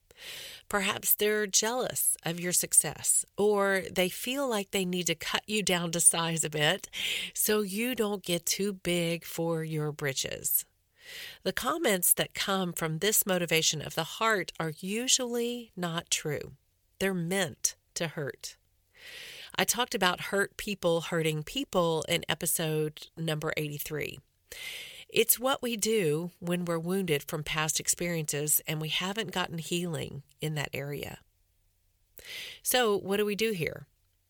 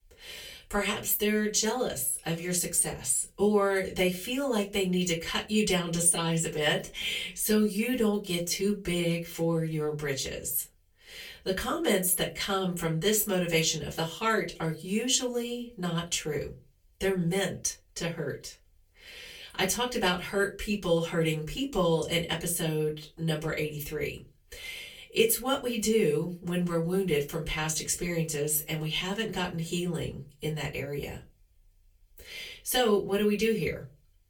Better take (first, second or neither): first